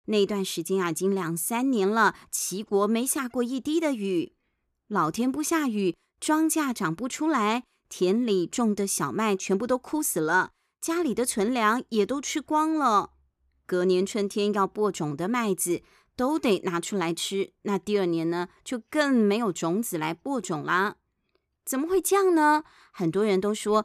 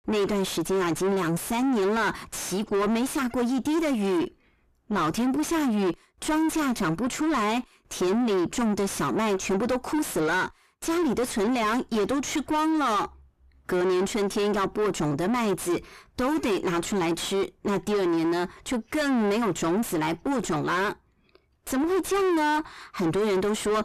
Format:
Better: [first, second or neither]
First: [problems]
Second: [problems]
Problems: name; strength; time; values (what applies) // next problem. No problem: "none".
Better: first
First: none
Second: distortion; heavy; 4 dB below the speech